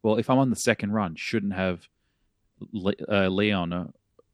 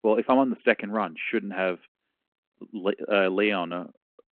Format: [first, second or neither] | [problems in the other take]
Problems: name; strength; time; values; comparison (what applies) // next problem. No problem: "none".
first | phone-call audio